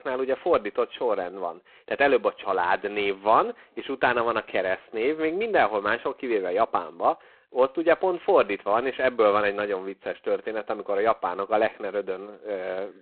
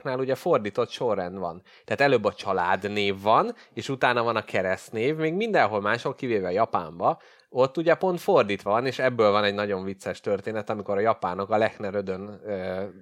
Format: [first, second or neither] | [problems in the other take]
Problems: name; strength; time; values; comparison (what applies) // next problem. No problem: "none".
second | phone-call audio; poor line; nothing above 4 kHz